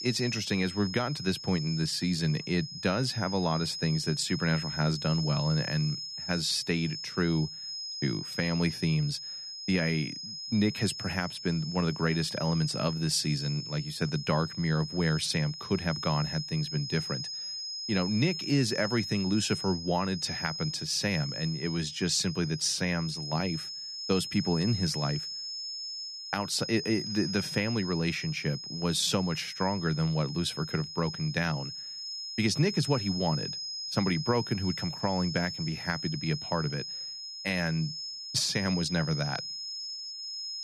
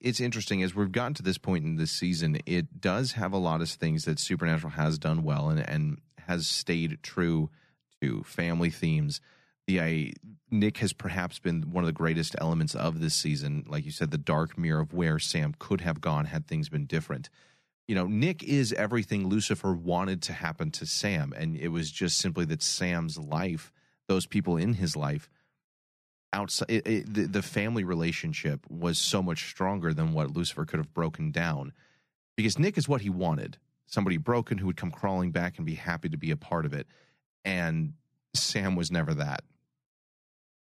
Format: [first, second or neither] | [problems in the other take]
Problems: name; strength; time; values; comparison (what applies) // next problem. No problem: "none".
second | high-pitched whine; loud; throughout; 5 kHz, 6 dB below the speech